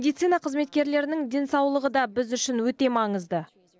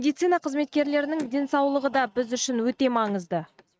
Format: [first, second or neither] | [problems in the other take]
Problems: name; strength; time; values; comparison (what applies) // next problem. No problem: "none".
first | noise reduction (neural mask model RNNoise)